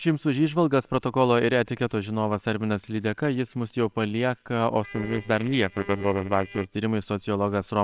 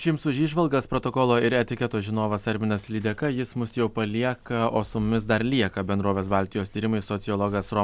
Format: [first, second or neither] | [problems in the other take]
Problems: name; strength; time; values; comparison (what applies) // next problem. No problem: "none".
second | noise reduction (neural separator model SepFormer WHAMR!)